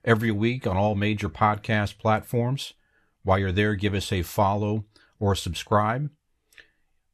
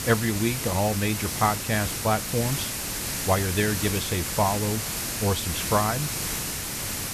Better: first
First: none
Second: hiss; loud; throughout; 2 dB below the speech

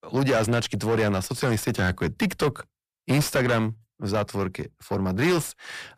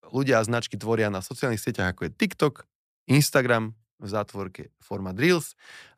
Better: second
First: distortion; heavy; 6 dB below the speech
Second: none

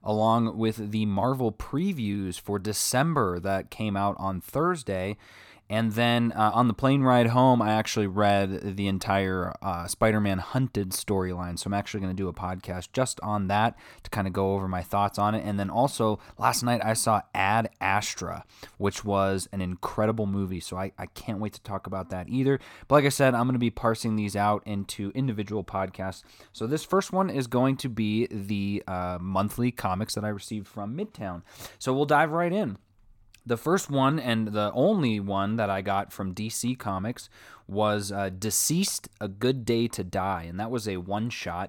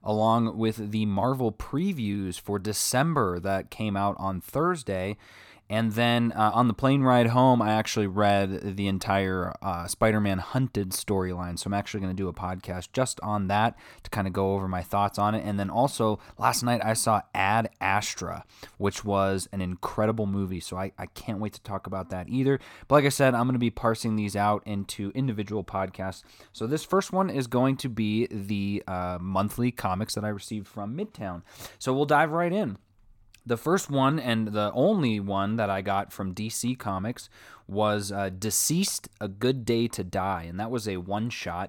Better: neither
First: none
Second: none

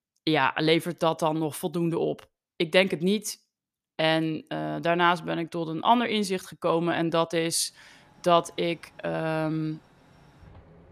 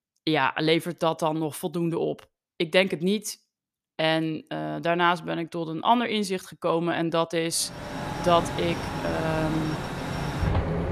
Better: first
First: machinery noise; faint; from 8 s on; 30 dB below the speech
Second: machinery noise; loud; from 8 s on; 5 dB below the speech

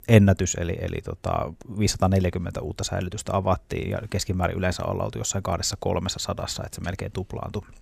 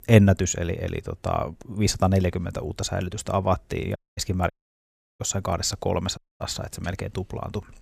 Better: first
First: none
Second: audio cutting out; at 4 s, at 4.5 s for 0.5 s and at 6 s

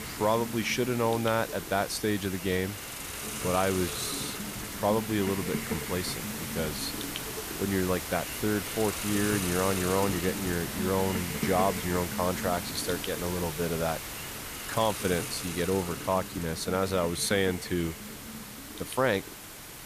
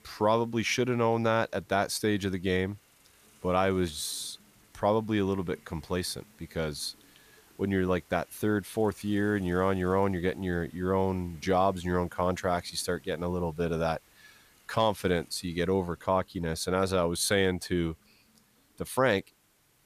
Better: second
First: hiss; loud; throughout; 5 dB below the speech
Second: hiss; faint; throughout; 30 dB below the speech

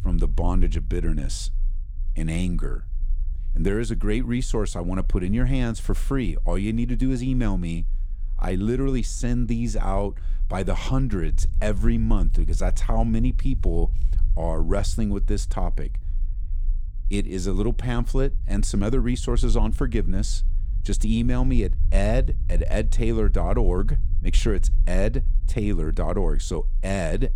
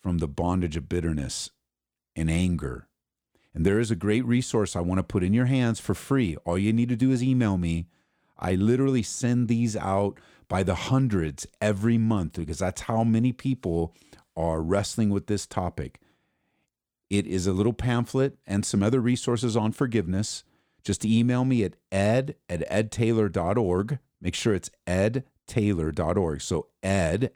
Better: second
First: low rumble; faint; throughout; 20 dB below the speech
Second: none

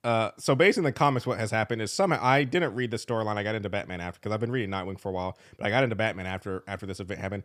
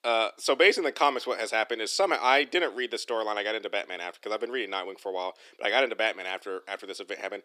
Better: first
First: none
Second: thin; very; fading below 350 Hz

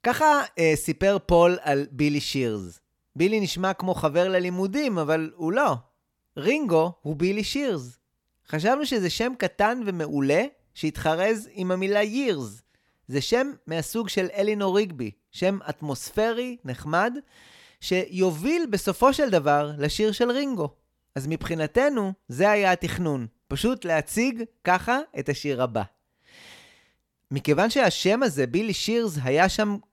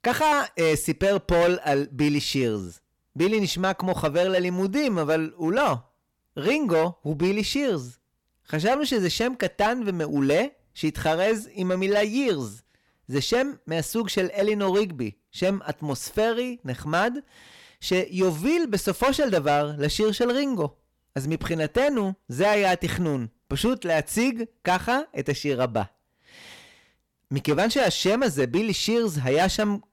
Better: first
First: none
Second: distortion; slight; 6% of the sound clipped

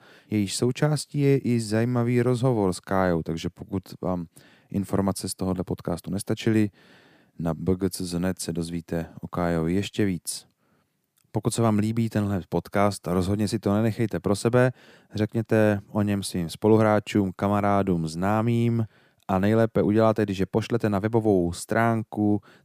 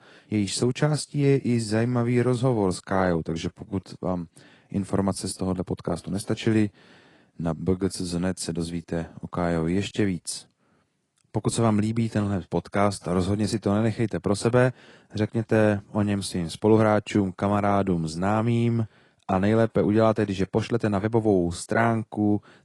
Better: first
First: none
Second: garbled, watery; slightly; nothing above 10.5 kHz

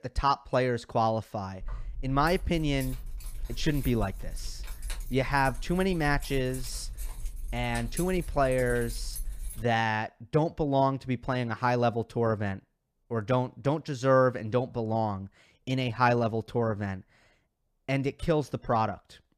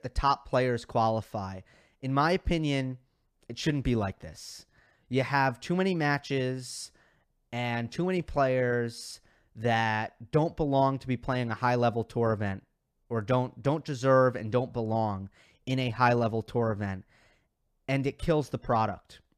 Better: second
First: jangling keys; noticeable; from 1.5 to 9.5 s; peak 9 dB below the speech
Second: none

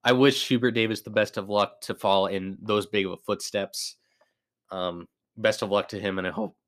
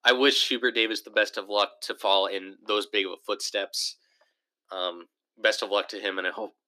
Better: first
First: none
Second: thin; somewhat; fading below 300 Hz

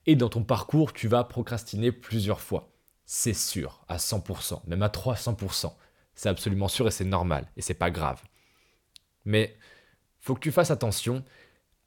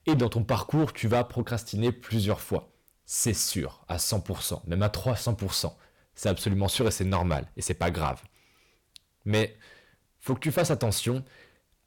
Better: first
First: none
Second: distortion; slight; 4% of the sound clipped

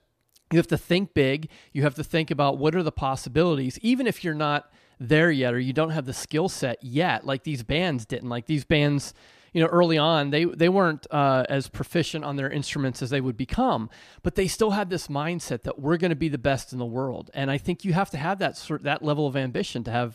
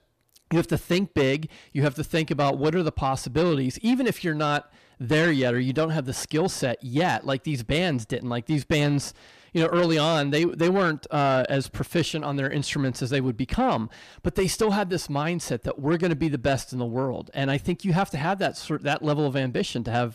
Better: first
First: none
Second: distortion; slight; 10 dB below the speech

